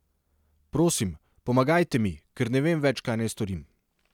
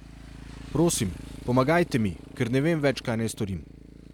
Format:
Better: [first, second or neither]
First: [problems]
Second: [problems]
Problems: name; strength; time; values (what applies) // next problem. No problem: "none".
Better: first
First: none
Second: background sound (Motorcycle); 16 dB below the speech